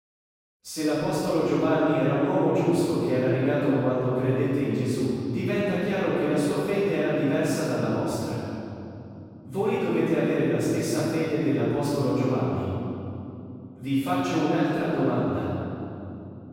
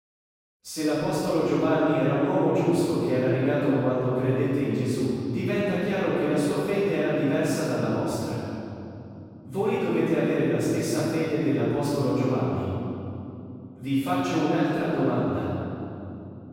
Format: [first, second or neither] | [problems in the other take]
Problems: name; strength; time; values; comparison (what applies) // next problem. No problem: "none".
neither | off-mic speech; far; the same in both // room echo; strong; dies away in 2.9 s; the same in both